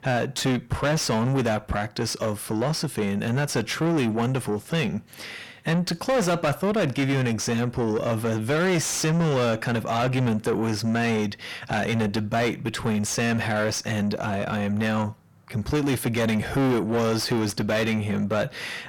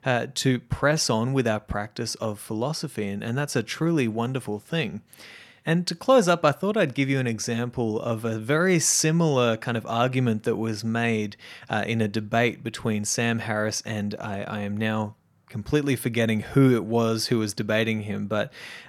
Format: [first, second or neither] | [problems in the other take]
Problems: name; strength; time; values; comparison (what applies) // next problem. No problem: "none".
second | distortion; heavy; 6 dB below the speech